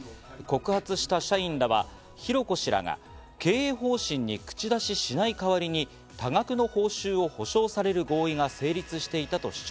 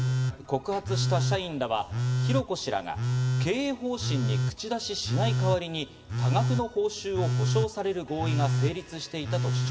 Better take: first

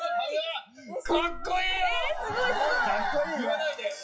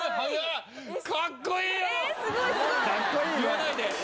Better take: second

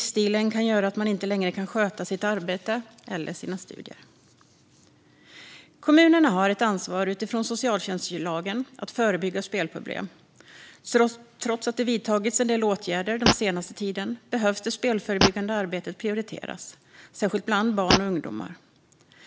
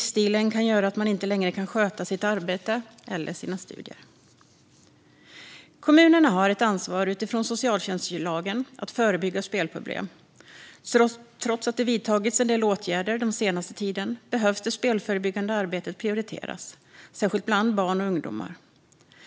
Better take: second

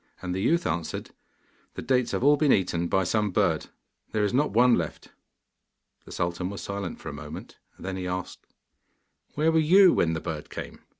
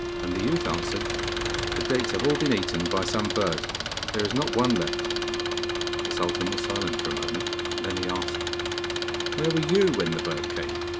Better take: first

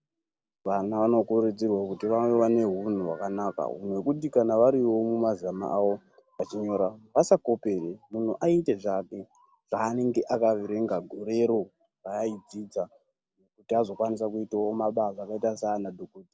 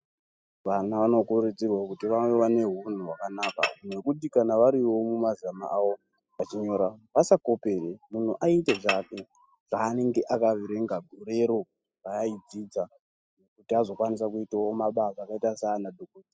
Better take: first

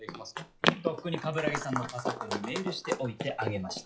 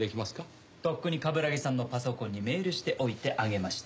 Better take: second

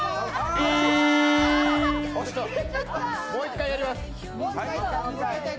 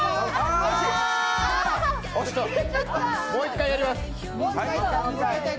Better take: second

